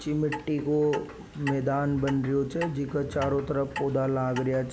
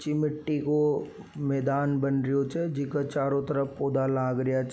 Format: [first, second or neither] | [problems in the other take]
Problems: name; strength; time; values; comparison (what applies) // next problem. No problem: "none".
second | background sound (Clock); 13 dB below the speech